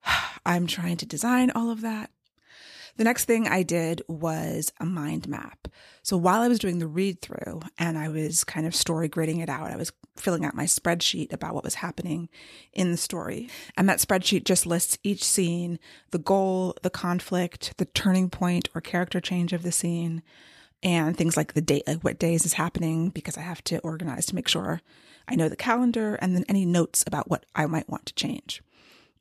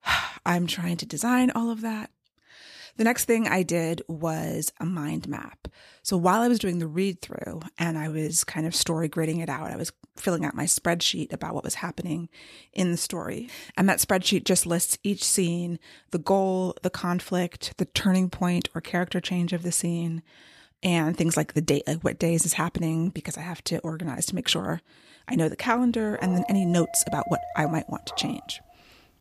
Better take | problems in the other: first | dog barking; noticeable; from 26 to 28 s; peak 7 dB below the speech

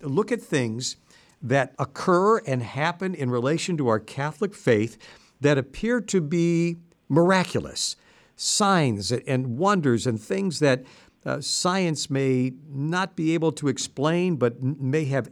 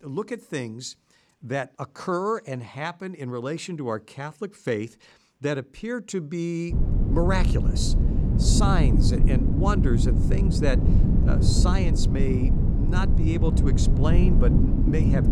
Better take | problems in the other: first | low rumble; loud; from 6.5 s on; 3 dB below the speech

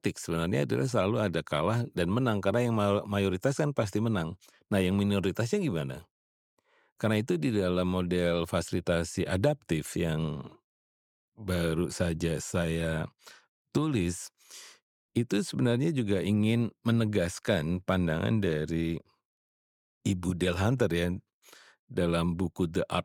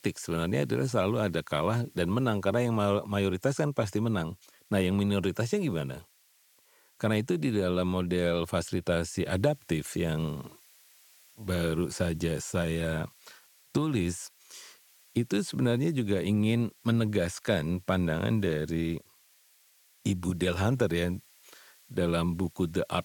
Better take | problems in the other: first | hiss; faint; throughout; 30 dB below the speech

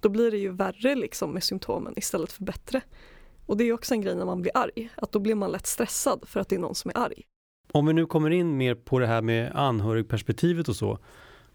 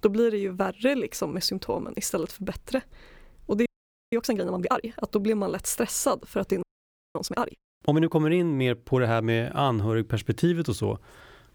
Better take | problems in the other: first | audio freezing; at 3.5 s and at 6.5 s for 0.5 s

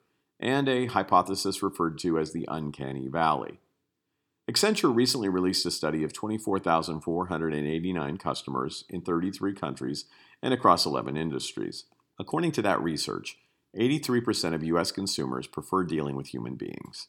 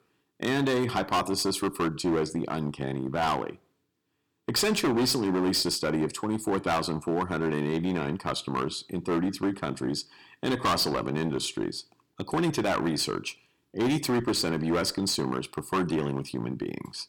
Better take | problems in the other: first | distortion; heavy; 10% of the sound clipped

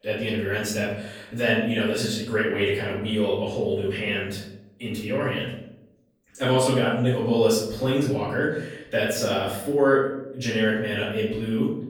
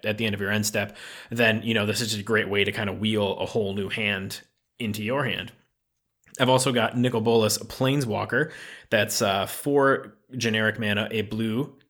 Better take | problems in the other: second | off-mic speech; far // room echo; noticeable; dies away in 0.7 s

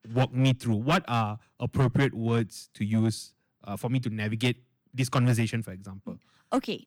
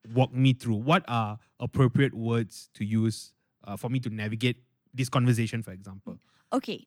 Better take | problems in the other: second | distortion; slight; 5% of the sound clipped

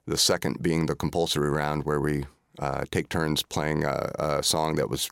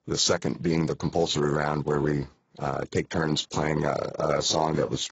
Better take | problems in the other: first | garbled, watery; badly; nothing above 7.5 kHz

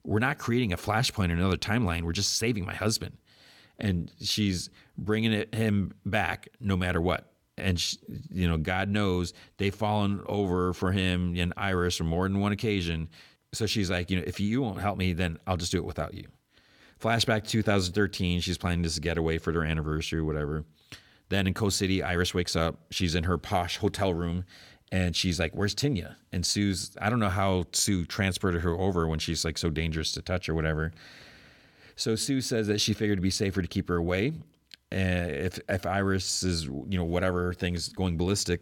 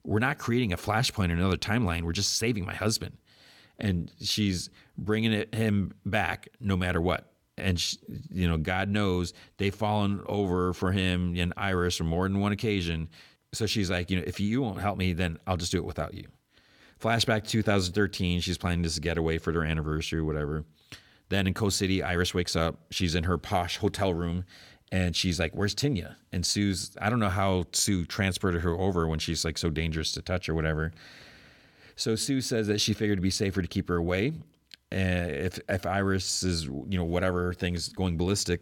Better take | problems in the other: neither | none

